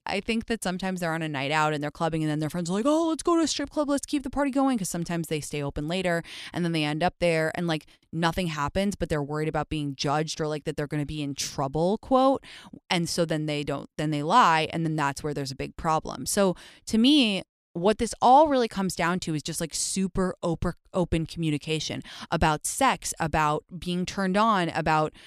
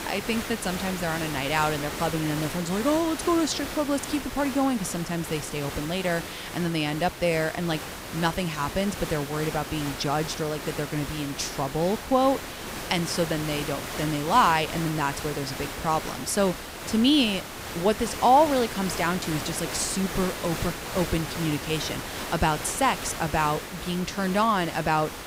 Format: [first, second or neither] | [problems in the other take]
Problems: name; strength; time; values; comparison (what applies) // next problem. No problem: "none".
first | hiss; loud; throughout; 8 dB below the speech